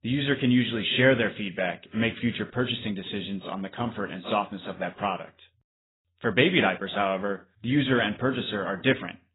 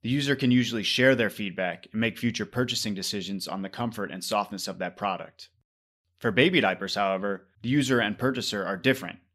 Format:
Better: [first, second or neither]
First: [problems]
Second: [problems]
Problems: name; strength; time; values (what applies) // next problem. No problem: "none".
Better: second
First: garbled, watery; badly; nothing above 4 kHz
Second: none